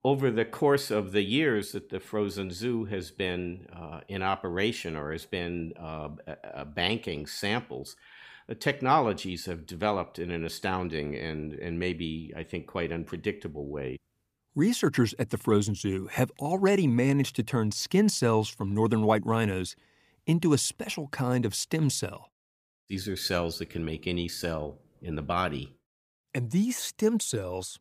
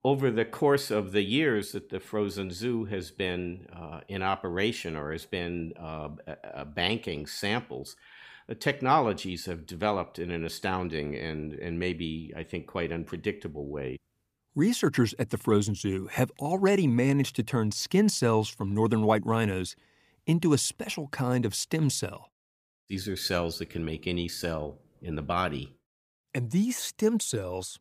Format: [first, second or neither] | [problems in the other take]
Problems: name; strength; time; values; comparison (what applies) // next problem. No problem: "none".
neither | none